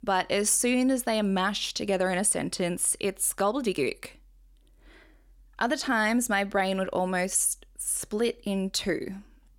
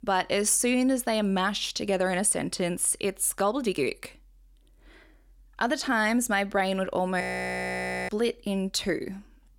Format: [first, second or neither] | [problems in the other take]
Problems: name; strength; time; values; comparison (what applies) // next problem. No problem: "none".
first | audio freezing; at 7 s for 1 s